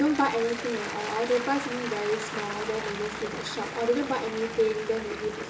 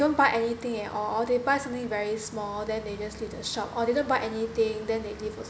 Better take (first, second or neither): second